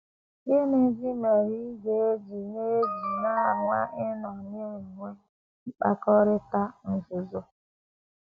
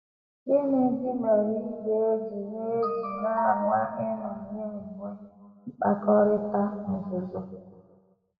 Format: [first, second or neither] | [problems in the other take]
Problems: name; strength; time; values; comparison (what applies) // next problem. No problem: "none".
first | room echo; dies away in 1.5 s